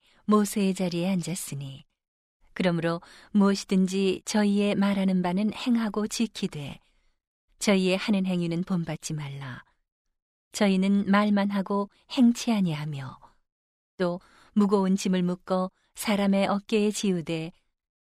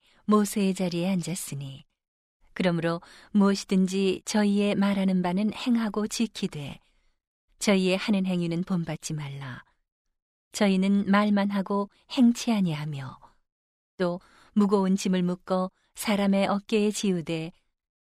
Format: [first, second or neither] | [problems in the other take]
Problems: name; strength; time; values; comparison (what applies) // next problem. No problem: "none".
neither | none